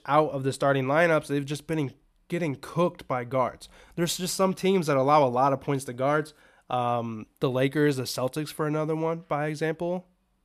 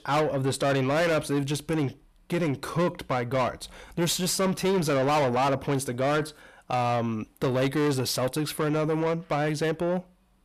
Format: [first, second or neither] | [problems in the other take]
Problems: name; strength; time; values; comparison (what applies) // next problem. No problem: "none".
first | distortion; heavy; 8 dB below the speech